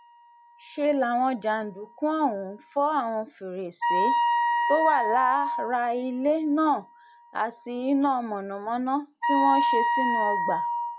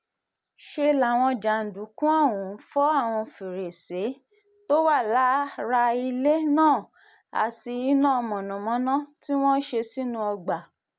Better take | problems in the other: second | noise reduction (classical method log-MMSE)

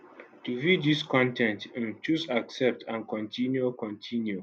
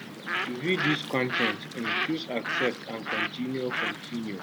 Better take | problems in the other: first | background sound (Bird); as loud as the speech

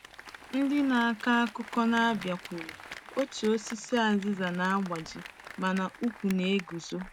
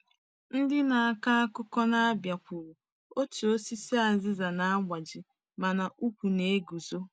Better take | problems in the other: second | background sound (Applause); 16 dB below the speech

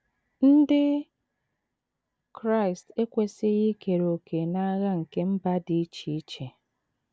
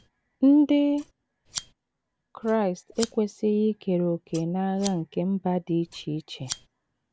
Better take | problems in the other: first | background sound (Scissors); 18 dB below the speech

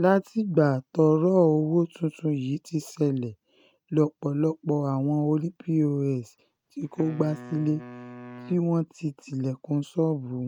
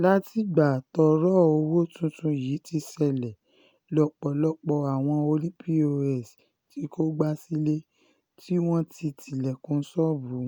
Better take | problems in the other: second | noise reduction (neural mask model RNNoise)

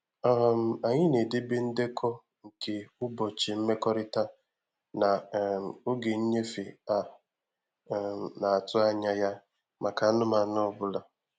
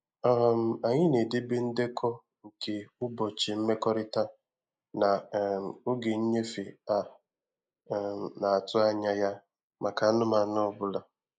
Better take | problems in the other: first | noise reduction (neural mask model Resemble Enhance denoiser)

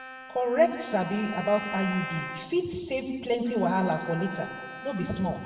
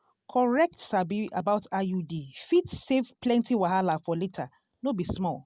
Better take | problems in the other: second | background sound (Bowed string instrument); 11 dB below the speech // room echo; dies away in 1.4 s

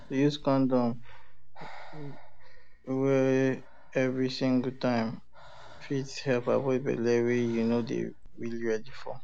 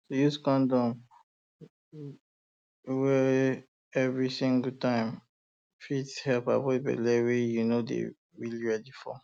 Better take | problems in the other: second | background sound (Breathing); 10 dB below the speech

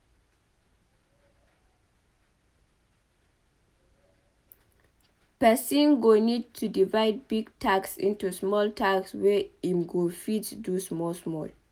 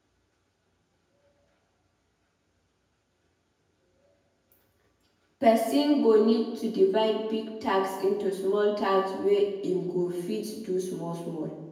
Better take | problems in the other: first | room echo; dies away in 1 s

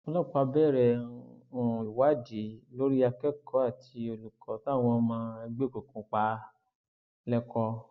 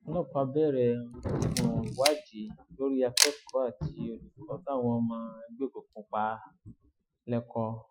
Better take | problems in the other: first | noise reduction (classical method Wiener filter)

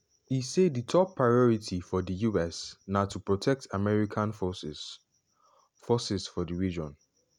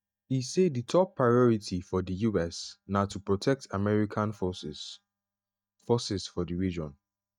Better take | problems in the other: first | noise reduction (neural mask model DeepFilterNet 3)

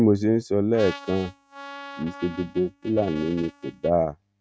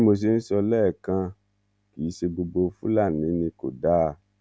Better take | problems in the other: second | noise reduction (neural mask model RNNoise)

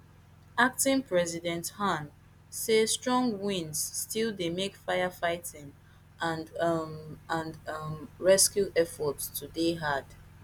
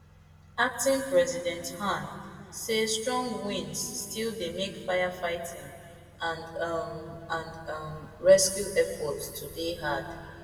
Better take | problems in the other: first | room echo; dies away in 2 s

